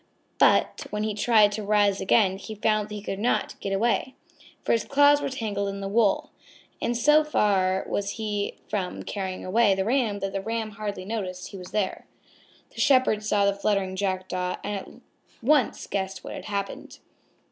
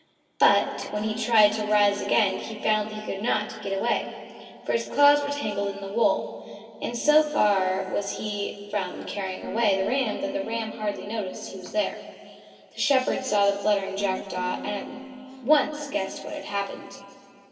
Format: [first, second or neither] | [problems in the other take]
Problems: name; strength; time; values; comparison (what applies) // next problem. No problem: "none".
first | background sound (Guitar); 15 dB below the speech // room echo; dies away in 2.8 s